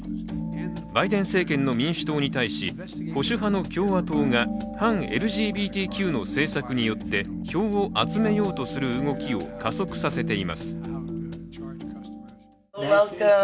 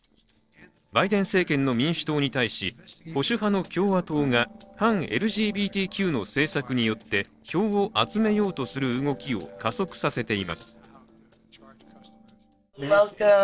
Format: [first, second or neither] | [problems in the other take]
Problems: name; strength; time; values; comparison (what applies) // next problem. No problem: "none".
first | noise reduction (neural separator model SepFormer DNS4)